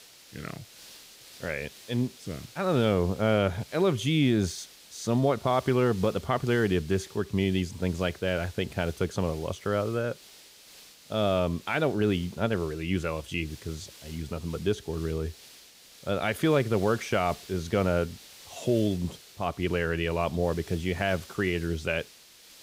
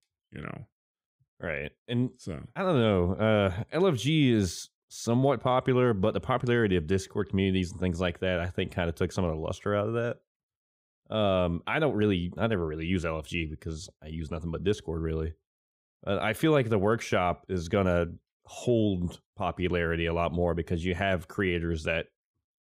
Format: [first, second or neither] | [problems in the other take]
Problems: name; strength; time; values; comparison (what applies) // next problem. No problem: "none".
second | hiss; noticeable; throughout; 20 dB below the speech